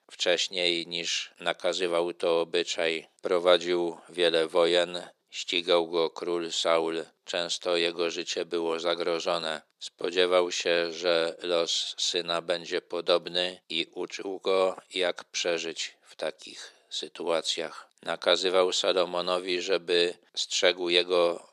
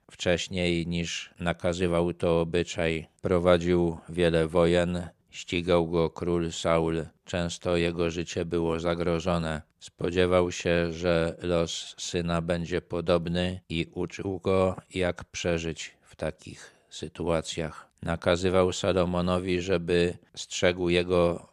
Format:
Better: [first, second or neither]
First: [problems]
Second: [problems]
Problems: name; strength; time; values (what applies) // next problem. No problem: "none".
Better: second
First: thin; somewhat; fading below 350 Hz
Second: none